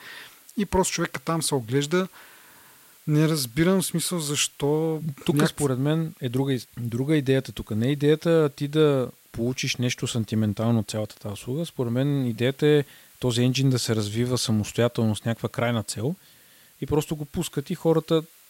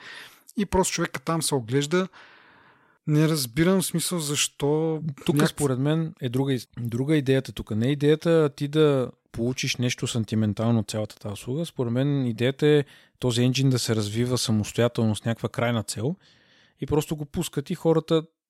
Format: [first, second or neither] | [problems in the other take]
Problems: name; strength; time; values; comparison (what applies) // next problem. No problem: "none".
second | hiss; faint; throughout; 25 dB below the speech